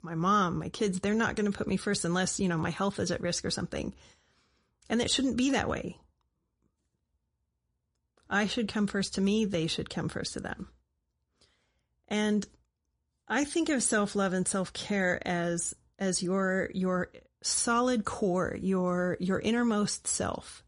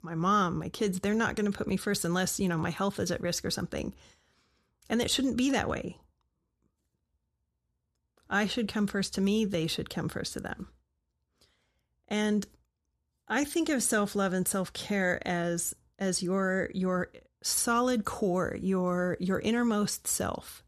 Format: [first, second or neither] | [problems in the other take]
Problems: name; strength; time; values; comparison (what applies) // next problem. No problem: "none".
second | garbled, watery; slightly; nothing above 10.5 kHz